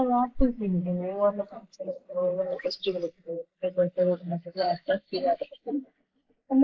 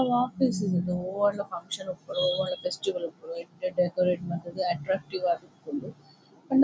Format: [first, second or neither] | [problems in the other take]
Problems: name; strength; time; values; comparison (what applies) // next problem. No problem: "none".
second | noise reduction (neural mask model Resemble Enhance denoiser)